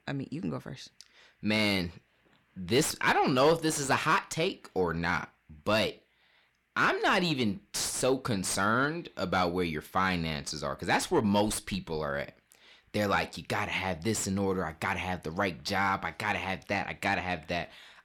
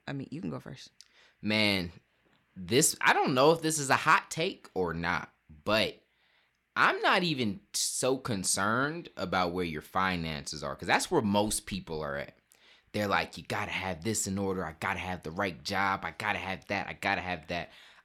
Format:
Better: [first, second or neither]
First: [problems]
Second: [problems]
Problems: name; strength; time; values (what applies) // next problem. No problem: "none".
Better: second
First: distortion; slight; 10 dB below the speech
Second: none